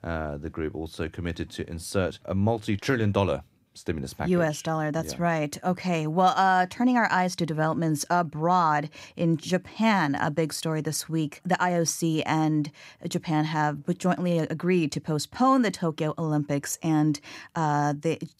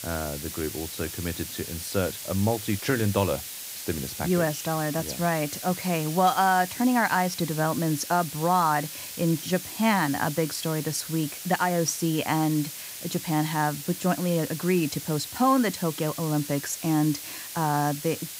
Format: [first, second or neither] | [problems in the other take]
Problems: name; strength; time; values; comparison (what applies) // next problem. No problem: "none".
first | hiss; loud; throughout; 9 dB below the speech